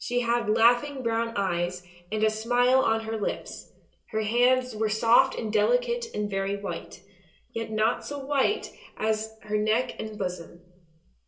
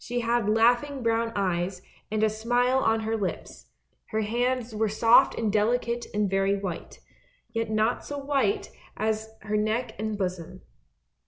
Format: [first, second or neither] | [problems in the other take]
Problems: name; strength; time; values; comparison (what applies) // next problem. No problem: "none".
second | room echo; dies away in 0.2 s